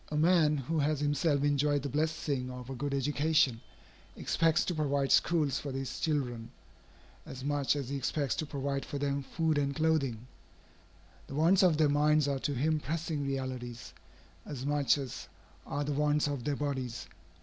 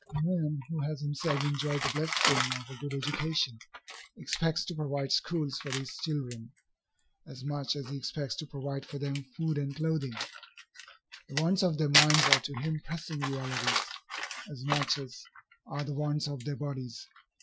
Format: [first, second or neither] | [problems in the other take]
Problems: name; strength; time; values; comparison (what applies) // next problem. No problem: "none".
first | noise reduction (classical method Wiener filter)